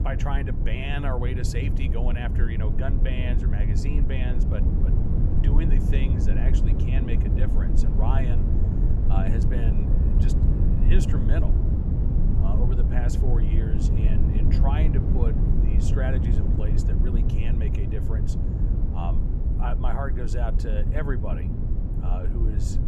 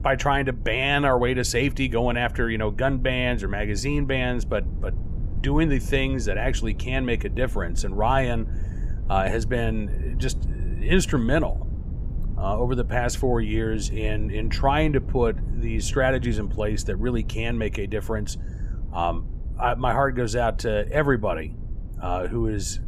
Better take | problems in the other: second | low rumble; loud; throughout; 1 dB below the speech; faint in the second

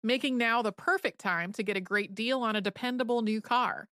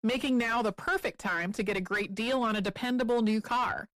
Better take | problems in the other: first | distortion; heavy; 6 dB below the speech

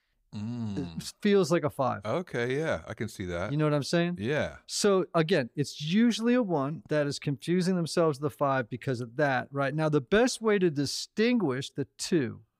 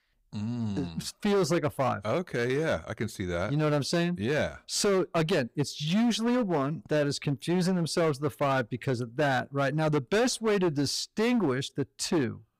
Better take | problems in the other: first | distortion; slight; 13% of the sound clipped

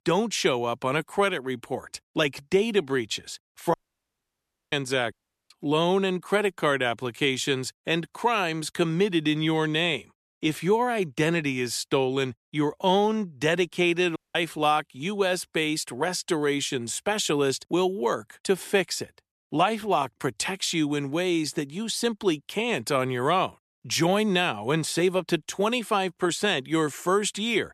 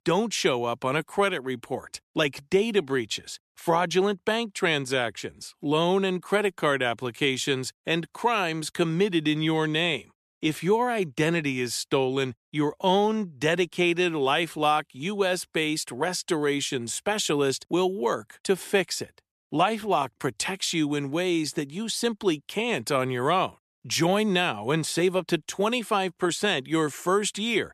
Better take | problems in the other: second | audio cutting out; at 3.5 s for 1 s, at 5 s and at 14 s

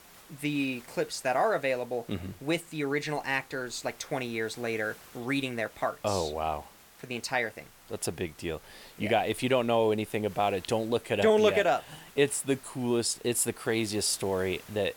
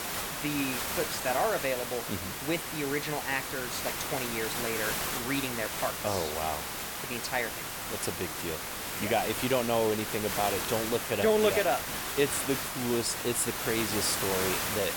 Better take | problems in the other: first | hiss; loud; throughout; 1 dB below the speech; faint in the first

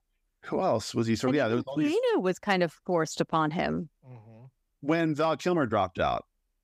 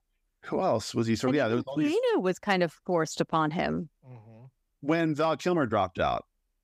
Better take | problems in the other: neither | none

